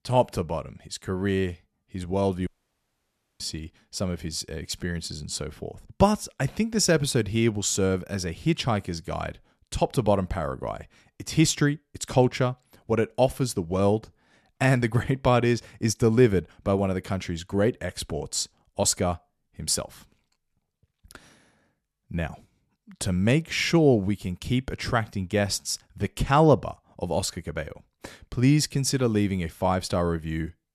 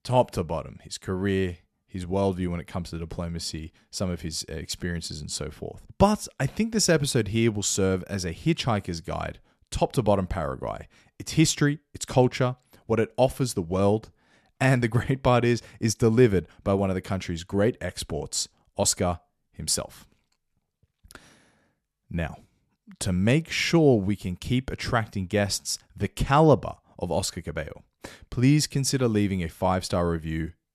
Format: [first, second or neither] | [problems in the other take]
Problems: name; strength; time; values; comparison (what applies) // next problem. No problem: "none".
second | audio cutting out; at 2.5 s for 1 s